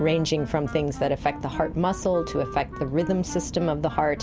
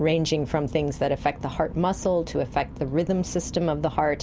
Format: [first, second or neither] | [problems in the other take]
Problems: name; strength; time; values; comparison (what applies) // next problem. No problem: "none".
second | background sound (Wind instrument, woodwind instrument); 14 dB below the speech